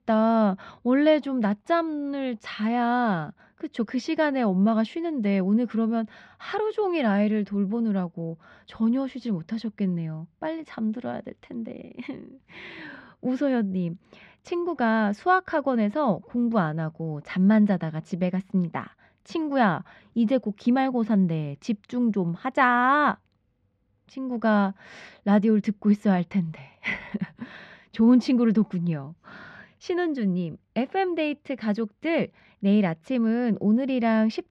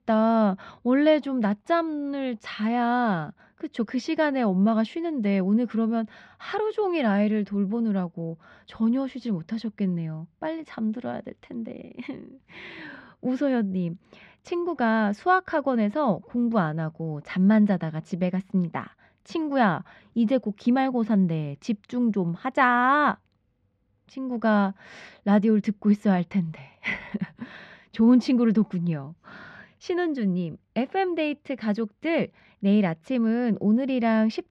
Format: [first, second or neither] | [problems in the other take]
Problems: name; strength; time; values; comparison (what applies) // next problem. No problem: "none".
neither | muffled; slightly; fading above 3.5 kHz; the same in both